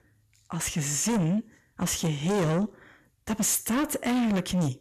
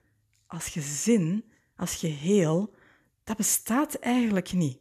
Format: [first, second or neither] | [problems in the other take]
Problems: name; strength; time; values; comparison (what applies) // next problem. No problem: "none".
second | distortion; heavy; 7 dB below the speech